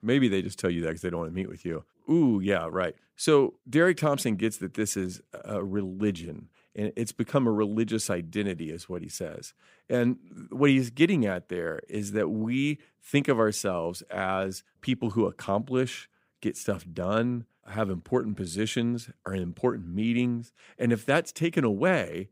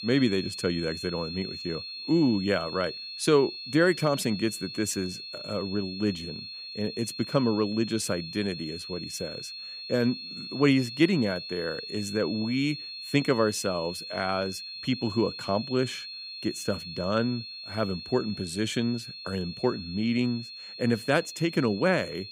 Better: first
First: none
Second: high-pitched whine; loud; throughout; 4.5 kHz, 9 dB below the speech

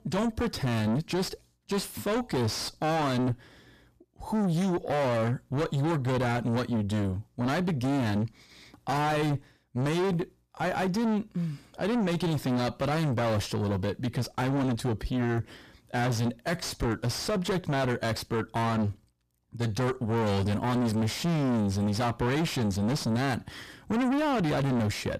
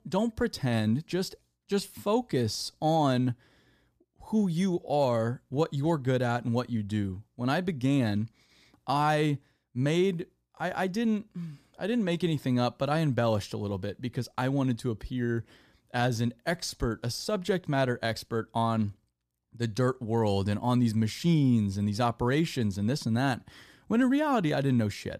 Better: second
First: distortion; heavy; 5 dB below the speech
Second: none

